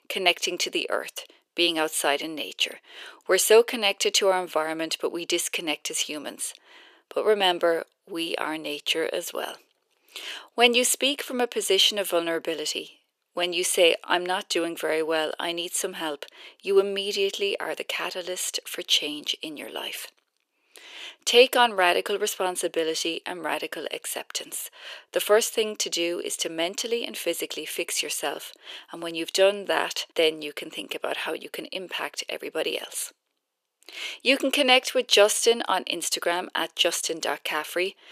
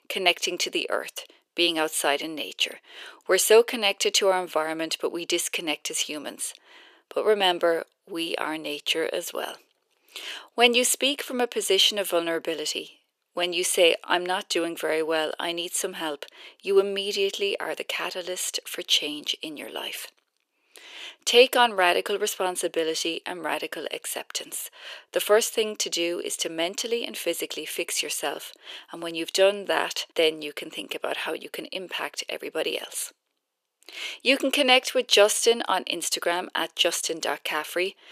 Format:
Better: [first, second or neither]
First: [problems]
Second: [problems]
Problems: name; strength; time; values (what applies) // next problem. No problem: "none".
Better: neither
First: thin; very; fading below 400 Hz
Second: thin; very; fading below 400 Hz